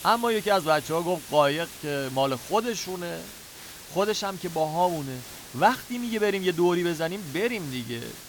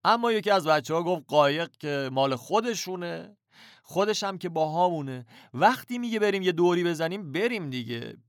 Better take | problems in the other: second | hiss; noticeable; throughout; 15 dB below the speech

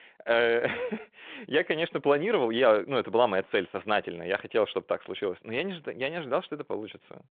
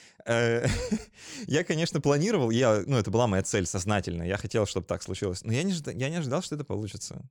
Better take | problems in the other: second | phone-call audio

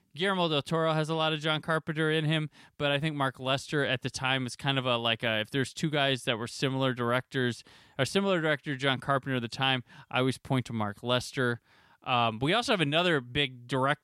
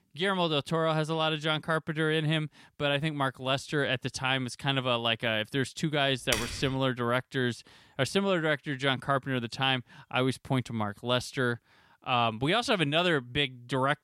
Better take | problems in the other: first | keyboard typing; noticeable; at 6.5 s; peak 3 dB below the speech

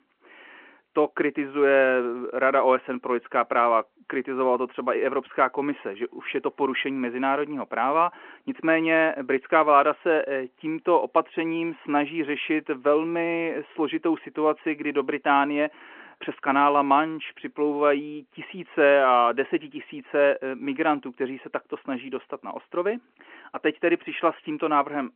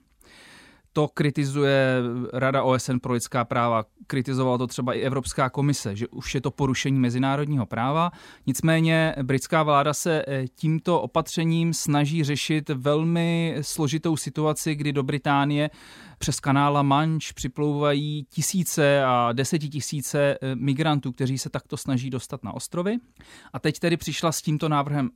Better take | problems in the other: second | phone-call audio

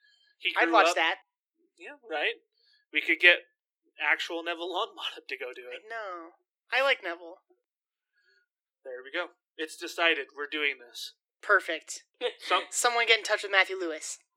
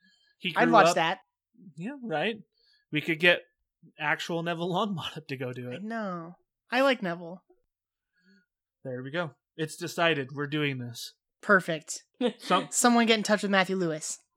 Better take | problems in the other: second | thin; very; fading below 300 Hz

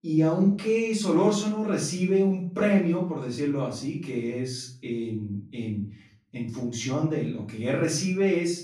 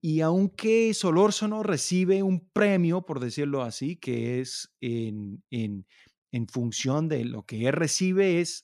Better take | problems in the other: second | off-mic speech; far // room echo; noticeable; dies away in 0.4 s

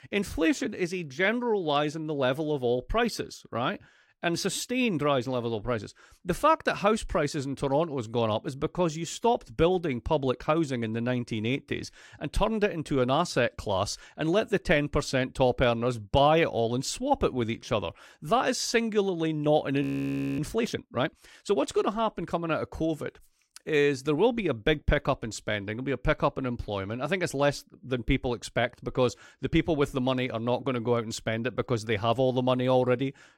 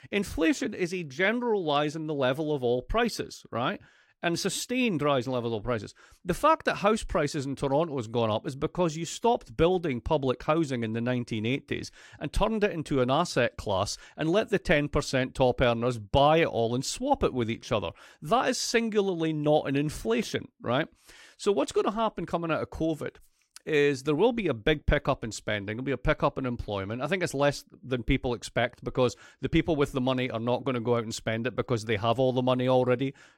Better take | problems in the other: second | audio freezing; at 20 s for 0.5 s

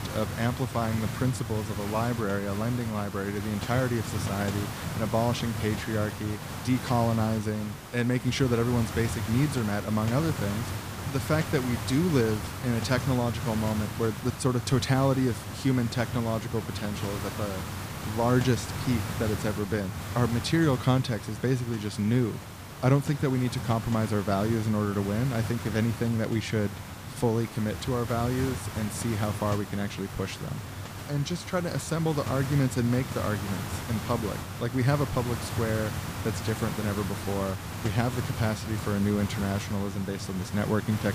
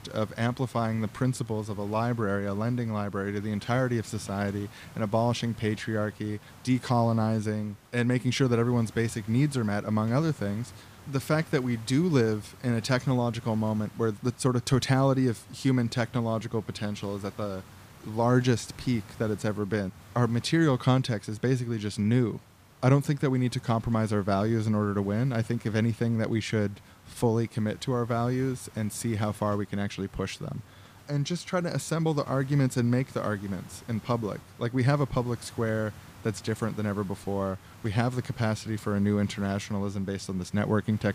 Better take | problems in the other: second | hiss; loud; throughout; 7 dB below the speech; faint in the second

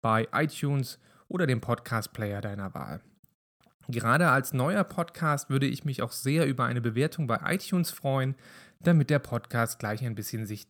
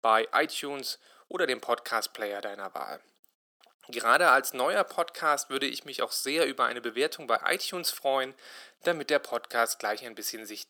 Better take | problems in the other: first | thin; very; fading below 350 Hz

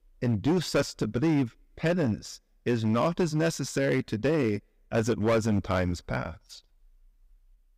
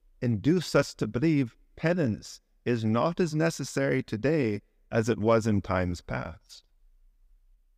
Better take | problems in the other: second | distortion; slight; 7% of the sound clipped

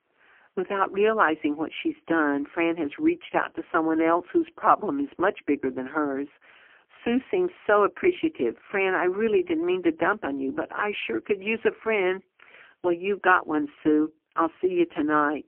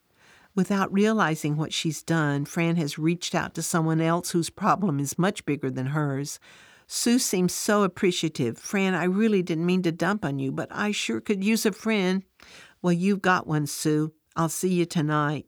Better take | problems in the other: second | phone-call audio; poor line; nothing above 3 kHz

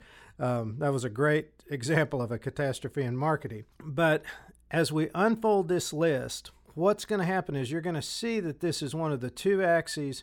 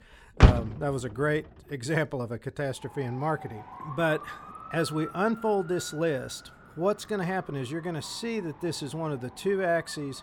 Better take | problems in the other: first | traffic noise; very loud; throughout; 2 dB above the speech

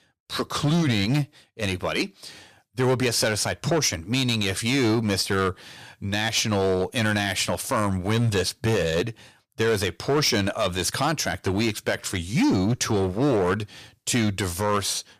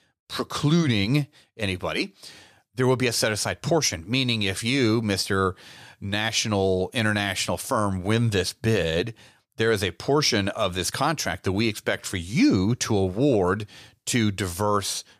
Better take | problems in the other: second | distortion; slight; 8% of the sound clipped

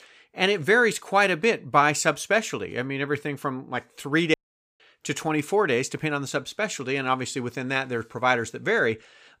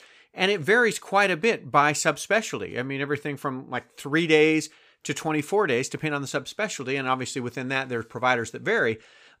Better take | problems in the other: second | audio cutting out; at 4.5 s

